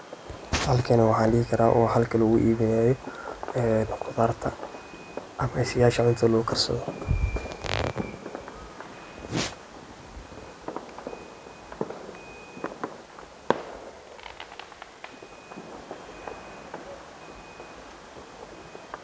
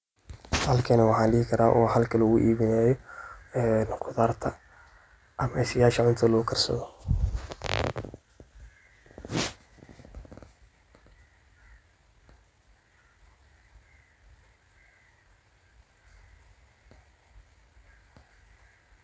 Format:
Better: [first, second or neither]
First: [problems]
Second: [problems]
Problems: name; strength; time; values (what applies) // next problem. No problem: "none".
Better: second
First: background sound (Fireworks); 11 dB below the speech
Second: none